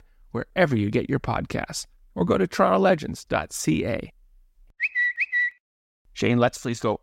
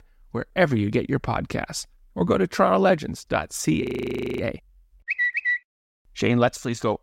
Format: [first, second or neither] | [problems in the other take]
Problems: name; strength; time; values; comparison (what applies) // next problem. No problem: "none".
first | audio freezing; at 4 s for 0.5 s